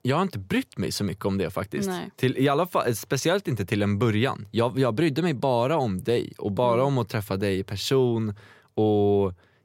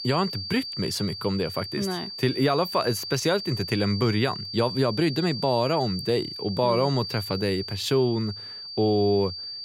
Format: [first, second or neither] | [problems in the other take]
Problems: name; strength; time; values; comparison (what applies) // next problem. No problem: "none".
first | high-pitched whine; loud; throughout; 4.5 kHz, 7 dB below the speech